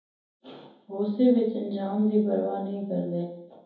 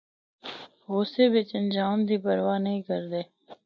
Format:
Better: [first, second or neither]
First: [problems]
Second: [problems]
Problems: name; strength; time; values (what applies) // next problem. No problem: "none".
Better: second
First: room echo; dies away in 0.7 s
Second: none